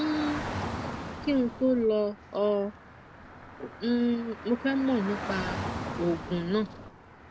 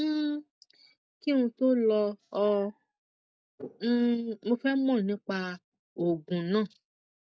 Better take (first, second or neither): second